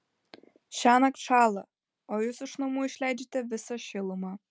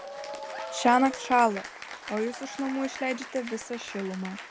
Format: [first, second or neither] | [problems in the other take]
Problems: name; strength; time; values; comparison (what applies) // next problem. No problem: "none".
first | background sound (Applause / Cheering); 11 dB below the speech